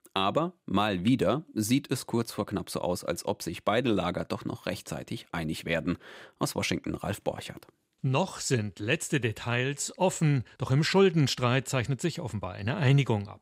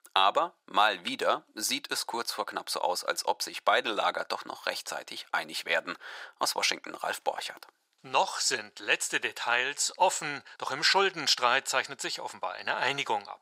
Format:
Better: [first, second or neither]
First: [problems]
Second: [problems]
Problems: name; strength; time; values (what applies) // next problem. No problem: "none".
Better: first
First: none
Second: thin; very; fading below 750 Hz